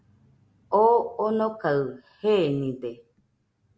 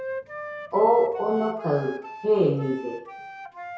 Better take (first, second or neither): first